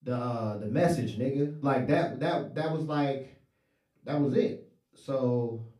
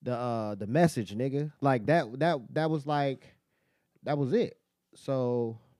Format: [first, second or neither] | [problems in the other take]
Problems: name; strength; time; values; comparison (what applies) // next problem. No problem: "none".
second | off-mic speech; far // room echo; slight; dies away in 0.3 s